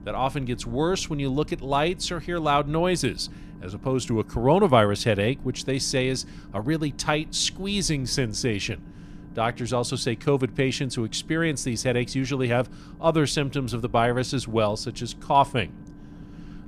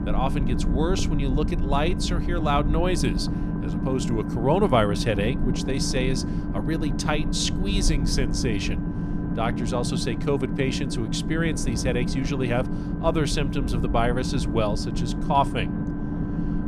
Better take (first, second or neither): first